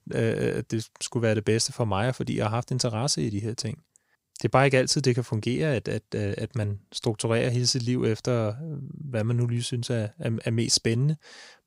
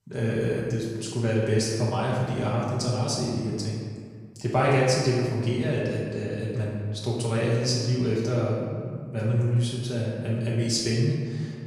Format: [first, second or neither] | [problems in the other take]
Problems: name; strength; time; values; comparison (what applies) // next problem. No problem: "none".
first | off-mic speech; far // room echo; noticeable; dies away in 1.6 s